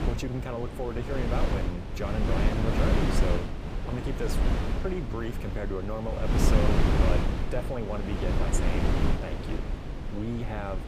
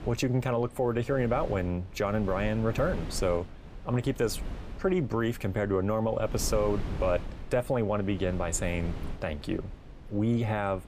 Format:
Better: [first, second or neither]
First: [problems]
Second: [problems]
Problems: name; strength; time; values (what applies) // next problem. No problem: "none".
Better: second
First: wind noise on the microphone; heavy; 1 dB above the speech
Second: wind noise on the microphone; occasional gusts; 15 dB below the speech